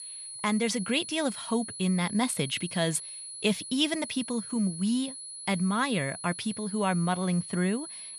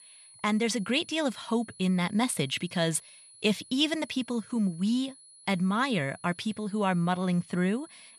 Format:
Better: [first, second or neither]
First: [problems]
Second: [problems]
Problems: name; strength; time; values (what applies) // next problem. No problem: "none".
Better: second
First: high-pitched whine; loud; throughout; 10 kHz, 9 dB below the speech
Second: high-pitched whine; faint; throughout; 10 kHz, 20 dB below the speech